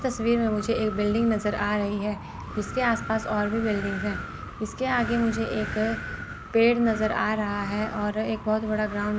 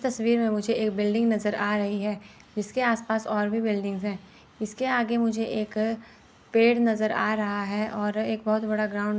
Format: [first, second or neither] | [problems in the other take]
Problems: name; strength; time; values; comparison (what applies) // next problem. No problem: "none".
second | background sound (Wind); 10 dB below the speech